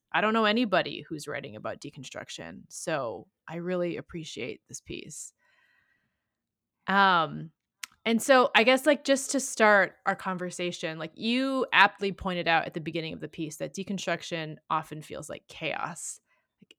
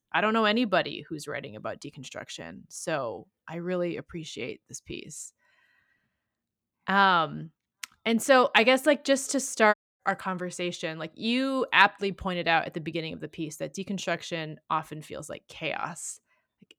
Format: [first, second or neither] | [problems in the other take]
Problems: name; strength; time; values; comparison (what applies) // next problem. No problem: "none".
first | audio cutting out; at 9.5 s